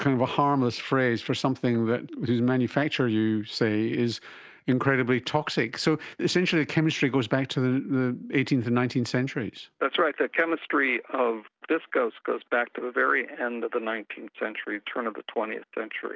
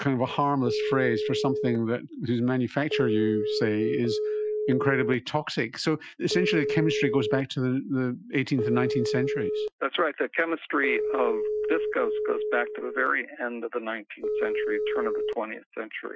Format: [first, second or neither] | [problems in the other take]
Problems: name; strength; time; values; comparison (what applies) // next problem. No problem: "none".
first | noise reduction (classical method Wiener filter)